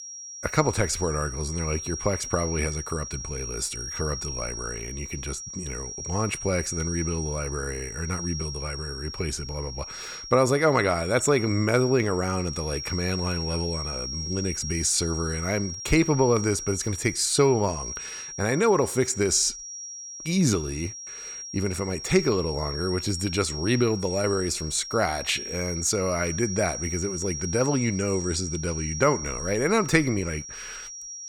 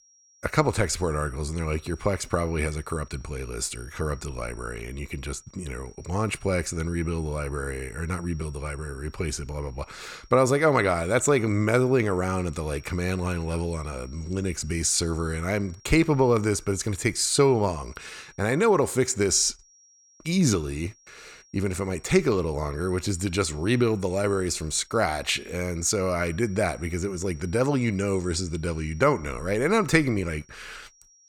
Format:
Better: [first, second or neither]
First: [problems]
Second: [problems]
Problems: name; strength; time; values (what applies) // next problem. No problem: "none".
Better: second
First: high-pitched whine; loud; throughout; 5.5 kHz, 8 dB below the speech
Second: high-pitched whine; faint; throughout; 5.5 kHz, 25 dB below the speech